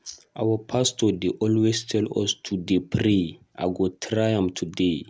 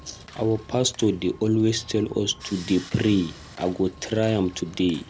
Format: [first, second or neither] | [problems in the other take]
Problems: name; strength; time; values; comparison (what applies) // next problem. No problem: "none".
first | background sound (Sawing); 19 dB below the speech